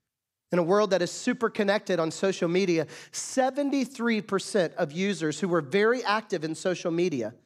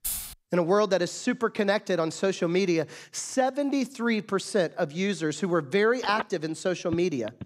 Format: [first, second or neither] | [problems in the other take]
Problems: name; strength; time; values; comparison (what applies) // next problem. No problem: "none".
first | jangling keys; noticeable; at the start; peak 4 dB below the speech // phone ringing; noticeable; from 6 s on; peak 9 dB below the speech